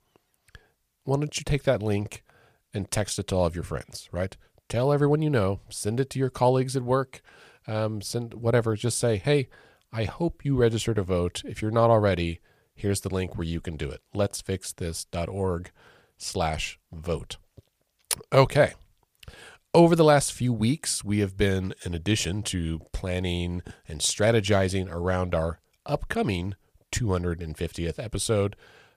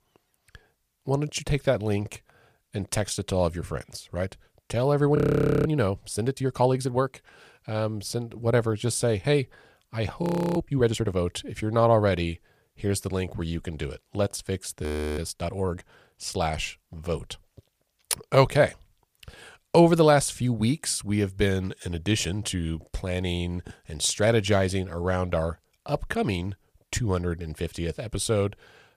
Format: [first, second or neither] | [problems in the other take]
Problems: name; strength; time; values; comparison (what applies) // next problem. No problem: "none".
first | audio freezing; at 5 s, at 10 s and at 15 s